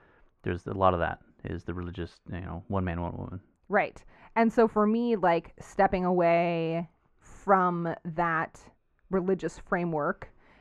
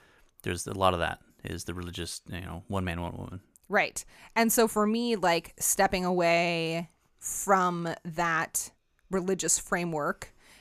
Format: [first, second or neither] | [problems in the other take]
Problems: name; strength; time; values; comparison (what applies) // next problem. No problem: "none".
second | muffled; very; fading above 1.5 kHz